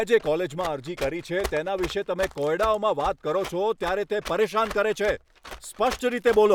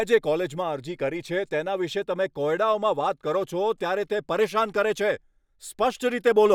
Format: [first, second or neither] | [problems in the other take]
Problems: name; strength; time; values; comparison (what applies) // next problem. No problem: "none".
second | background sound (Run); 15 dB below the speech